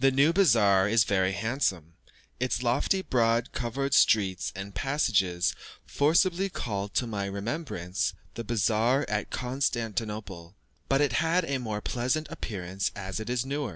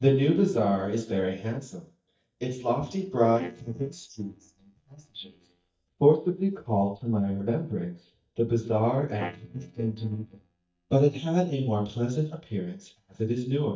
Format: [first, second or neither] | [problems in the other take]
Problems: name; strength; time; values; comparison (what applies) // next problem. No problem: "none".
first | noise reduction (neural mask model DeepFilterNet 3)